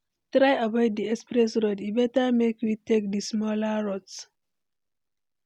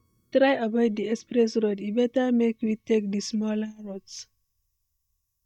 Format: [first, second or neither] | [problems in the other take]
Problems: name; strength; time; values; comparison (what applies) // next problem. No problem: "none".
first | noise reduction (neural mask model DeepFilterNet 3)